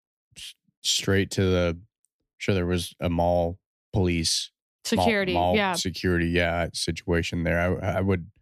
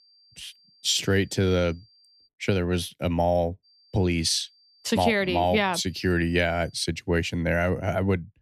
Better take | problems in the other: first | high-pitched whine; faint; until 2.5 s and from 3.5 to 7 s; 4.5 kHz, 30 dB below the speech

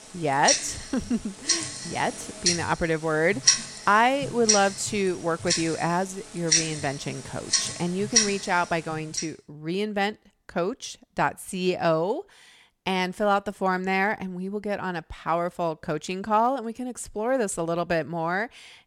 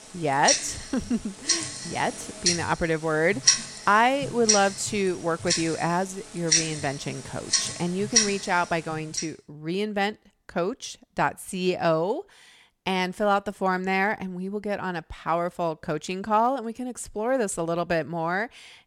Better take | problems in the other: neither | household noises; very loud; until 8.5 s; 2 dB above the speech; the same in both

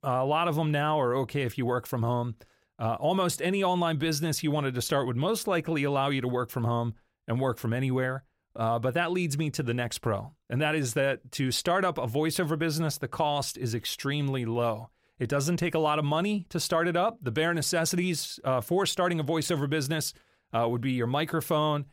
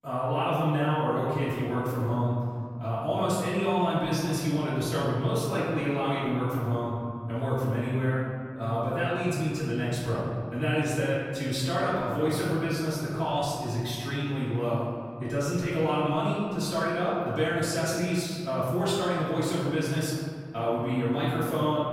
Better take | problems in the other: first | off-mic speech; far // room echo; strong; dies away in 2.2 s

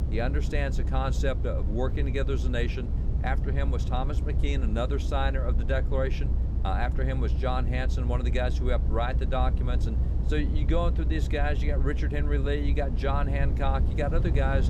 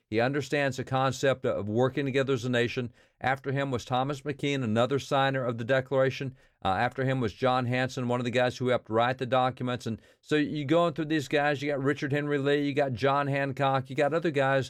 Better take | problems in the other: second | low rumble; noticeable; throughout; 10 dB below the speech

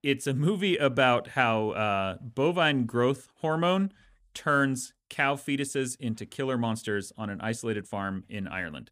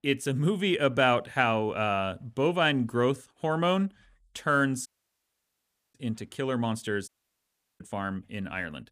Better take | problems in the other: first | audio cutting out; at 5 s for 1 s and at 7 s for 0.5 s

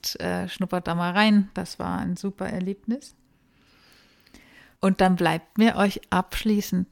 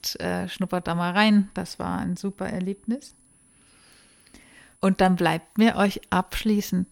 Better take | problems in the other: first | high-pitched whine; faint; throughout; 10 kHz, 30 dB below the speech

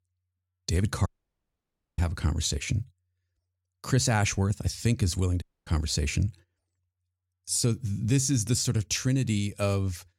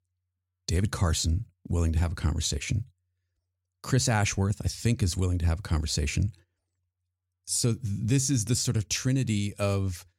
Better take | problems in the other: second | audio cutting out; at 1 s for 1 s and at 5.5 s

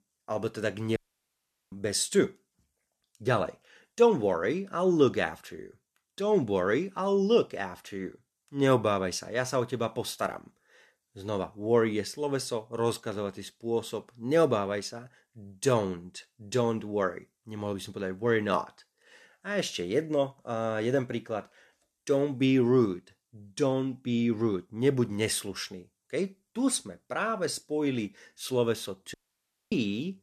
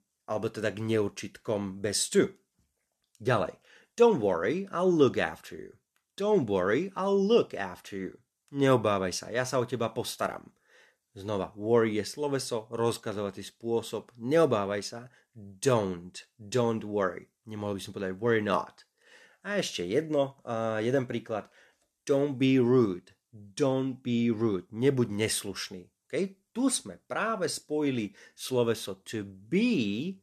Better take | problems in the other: second | audio cutting out; at 1 s for 1 s and at 29 s for 0.5 s

